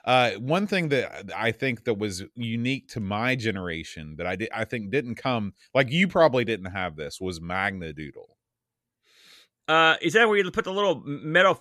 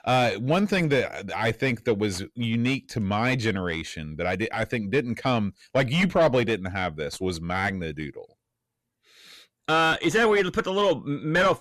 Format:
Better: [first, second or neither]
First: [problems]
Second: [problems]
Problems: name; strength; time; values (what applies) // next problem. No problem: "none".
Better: first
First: none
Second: distortion; heavy; 7 dB below the speech